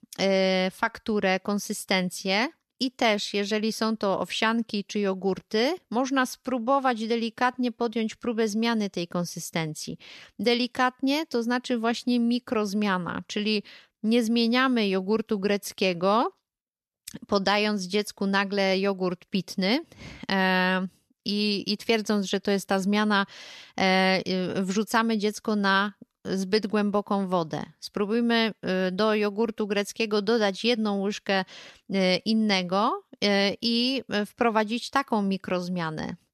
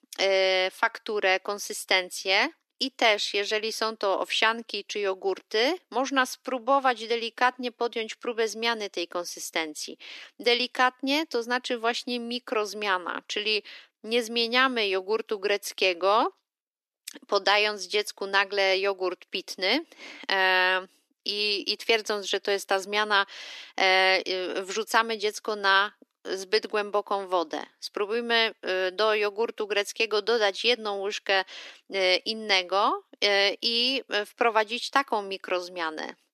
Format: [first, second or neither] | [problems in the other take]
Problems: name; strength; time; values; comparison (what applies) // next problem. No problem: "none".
first | thin; somewhat; fading below 300 Hz